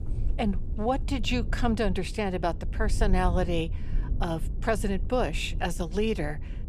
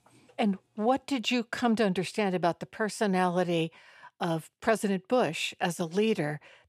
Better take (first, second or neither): second